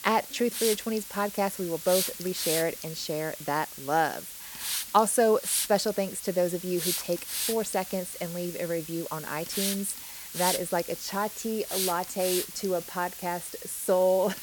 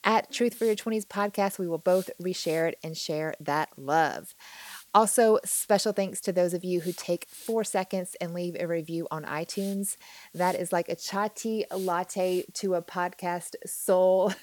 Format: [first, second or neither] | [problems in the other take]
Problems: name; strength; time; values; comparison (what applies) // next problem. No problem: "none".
second | hiss; loud; throughout; 5 dB below the speech; faint in the second